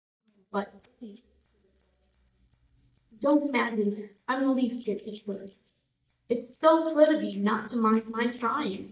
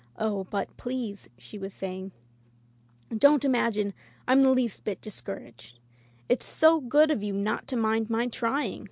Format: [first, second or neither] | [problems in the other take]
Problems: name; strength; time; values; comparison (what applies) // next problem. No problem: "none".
second | noise reduction (neural mask model DeepFilterNet 3)